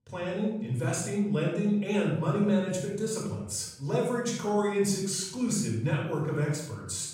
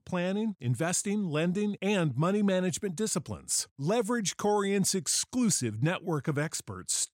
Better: second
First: room echo; noticeable; dies away in 0.7 s // off-mic speech; far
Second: none

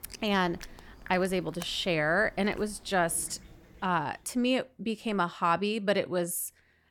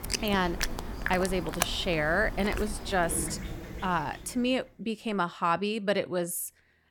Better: first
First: animal sounds; faint; until 4 s; 20 dB below the speech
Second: animal sounds; loud; until 4 s; 6 dB below the speech

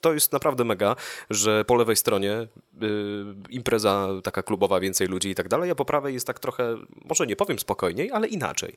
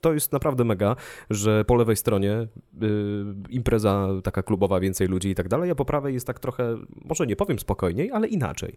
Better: second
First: thin; somewhat; fading below 600 Hz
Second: none

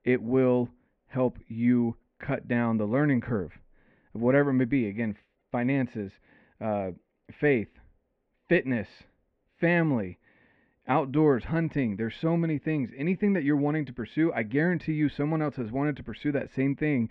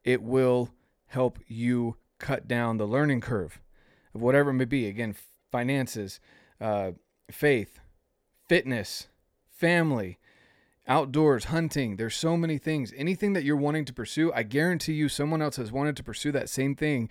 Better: second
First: muffled; very; fading above 2.5 kHz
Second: none

